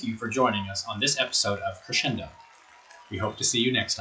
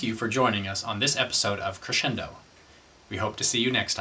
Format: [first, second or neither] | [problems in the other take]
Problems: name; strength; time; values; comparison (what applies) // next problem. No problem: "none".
second | noise reduction (classical method log-MMSE)